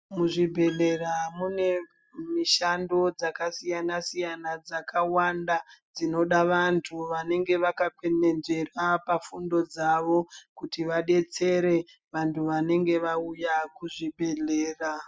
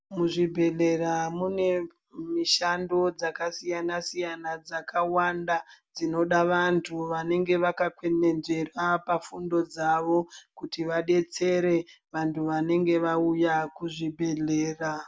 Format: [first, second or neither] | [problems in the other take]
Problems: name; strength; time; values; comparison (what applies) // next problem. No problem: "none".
second | noise reduction (classical method spectral subtraction)